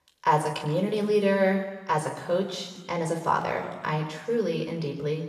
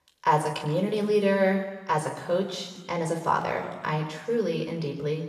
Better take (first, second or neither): neither